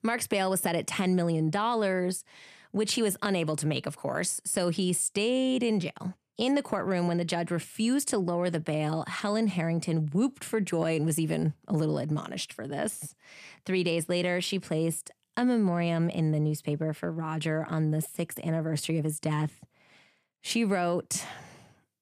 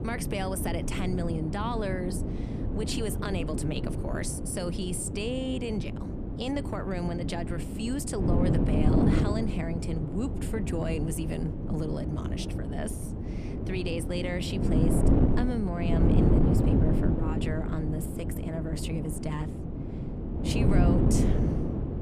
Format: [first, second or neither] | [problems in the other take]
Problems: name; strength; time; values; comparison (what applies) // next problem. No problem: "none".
first | wind noise on the microphone; heavy; as loud as the speech